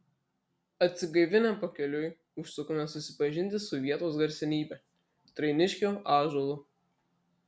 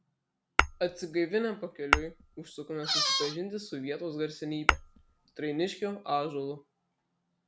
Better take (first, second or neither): first